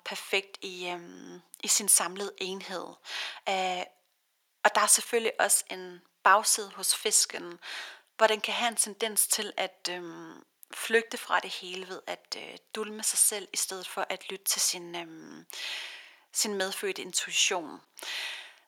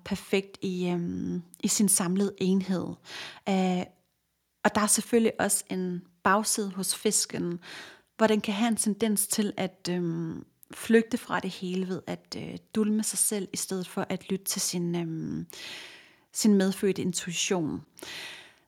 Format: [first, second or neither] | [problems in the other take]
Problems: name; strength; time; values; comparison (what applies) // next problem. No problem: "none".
second | thin; very; fading below 700 Hz